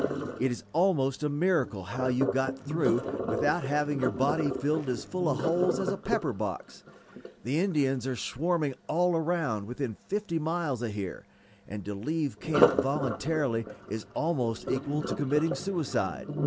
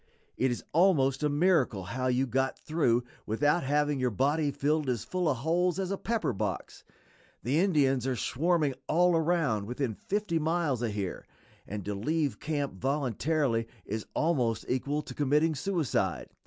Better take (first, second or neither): second